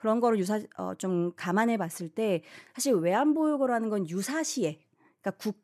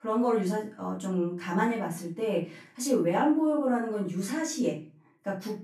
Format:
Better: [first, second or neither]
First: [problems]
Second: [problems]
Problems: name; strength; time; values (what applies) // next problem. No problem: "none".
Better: first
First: none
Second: off-mic speech; far // room echo; slight; dies away in 0.3 s